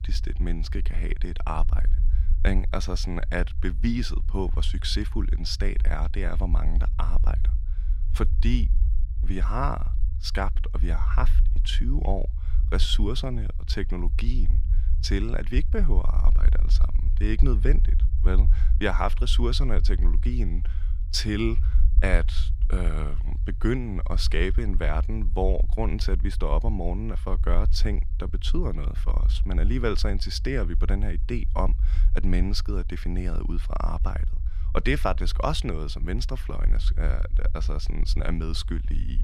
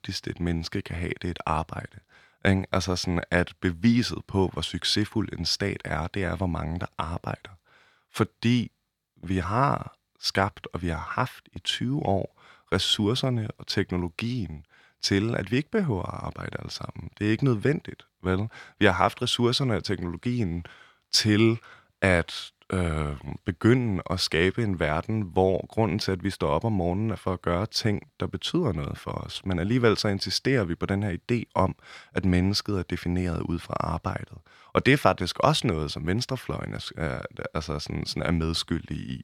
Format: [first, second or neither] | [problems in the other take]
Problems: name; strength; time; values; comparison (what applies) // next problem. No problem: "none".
second | low rumble; noticeable; throughout; 15 dB below the speech